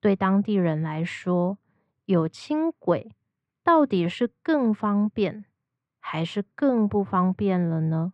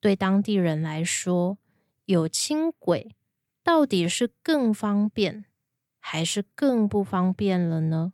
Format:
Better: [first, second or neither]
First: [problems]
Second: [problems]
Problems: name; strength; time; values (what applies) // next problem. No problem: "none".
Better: second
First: muffled; very; fading above 2 kHz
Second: none